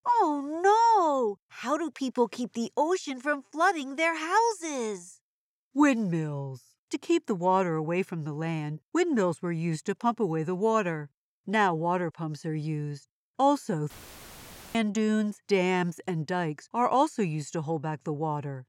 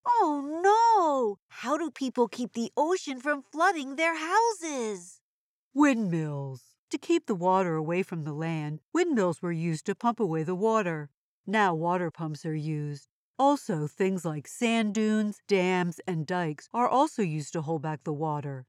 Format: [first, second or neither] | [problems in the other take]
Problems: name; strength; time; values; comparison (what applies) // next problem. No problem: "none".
second | audio cutting out; filled with static; at 14 s for 1 s